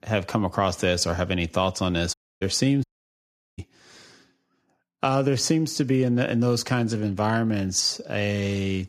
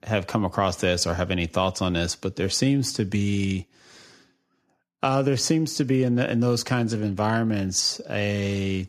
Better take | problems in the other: second | audio cutting out; at 2 s and at 3 s for 0.5 s

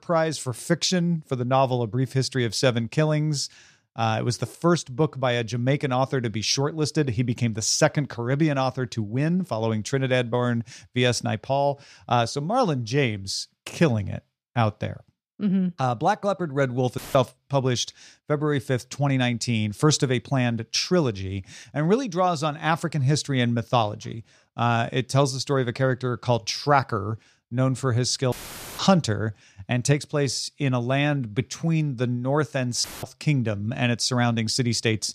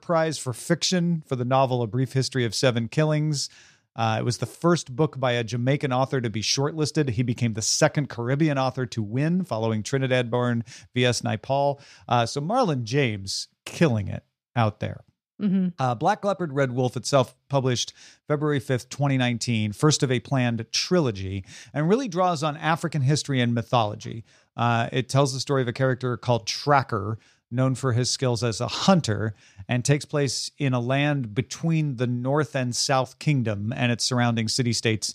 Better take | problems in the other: second | audio cutting out; filled with static; at 17 s, at 28 s and at 33 s

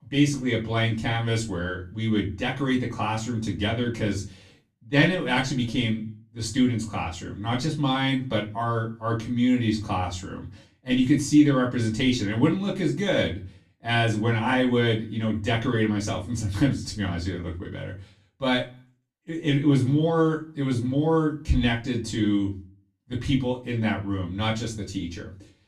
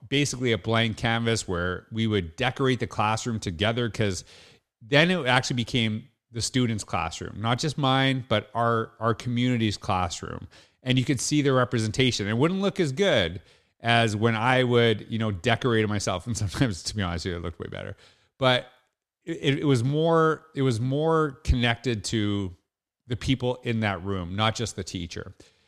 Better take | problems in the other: second | off-mic speech; far // room echo; very slight; dies away in 0.3 s

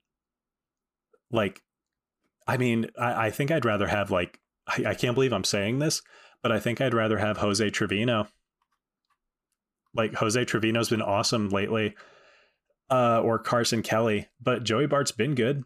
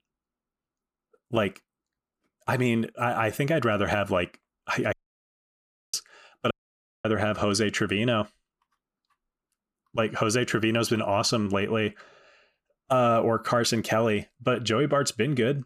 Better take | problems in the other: first | audio cutting out; at 5 s for 1 s and at 6.5 s for 0.5 s

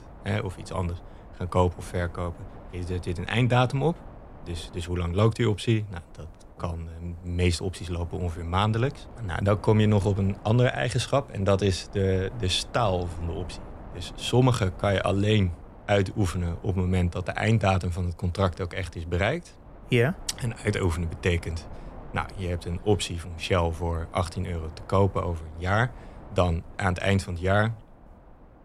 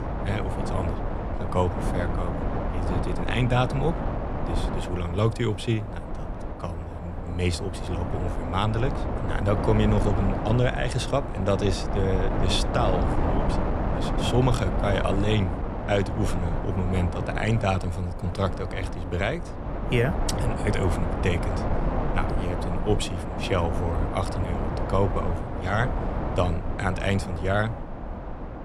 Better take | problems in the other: first | wind noise on the microphone; heavy; 3 dB below the speech; occasional gusts in the first

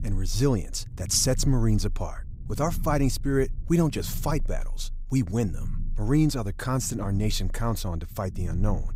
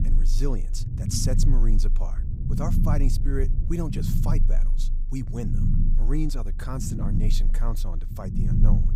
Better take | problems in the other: first | low rumble; loud; throughout; 4 dB below the speech; faint in the first

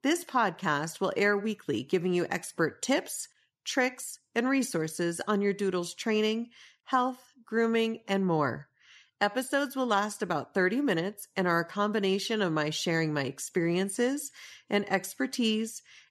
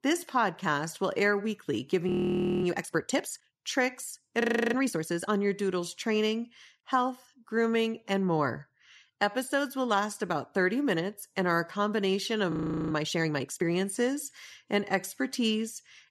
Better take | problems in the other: first | audio freezing; at 2 s for 0.5 s, at 4.5 s and at 13 s

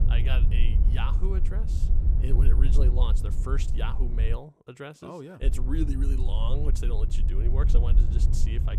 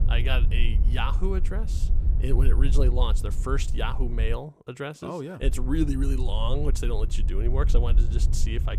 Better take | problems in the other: second | wind noise on the microphone; heavy; until 4.5 s and from 5.5 s on; 6 dB below the speech; occasional gusts in the second

